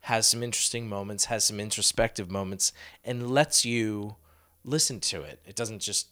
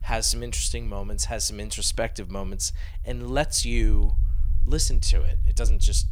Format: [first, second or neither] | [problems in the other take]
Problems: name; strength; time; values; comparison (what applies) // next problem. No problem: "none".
first | low rumble; faint; throughout; 20 dB below the speech